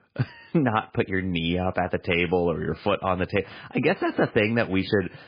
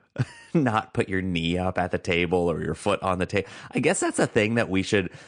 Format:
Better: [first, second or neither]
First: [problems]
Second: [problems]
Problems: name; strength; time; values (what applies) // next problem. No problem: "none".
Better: second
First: garbled, watery; badly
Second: garbled, watery; slightly; nothing above 9 kHz